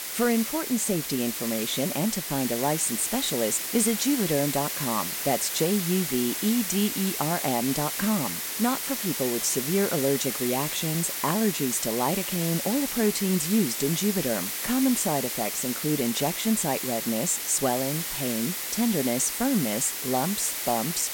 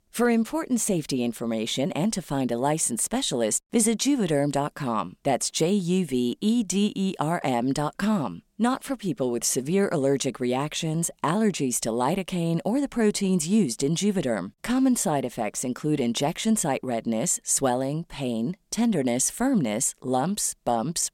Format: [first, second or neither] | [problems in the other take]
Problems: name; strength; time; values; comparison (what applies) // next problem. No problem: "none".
second | hiss; loud; throughout; 2 dB below the speech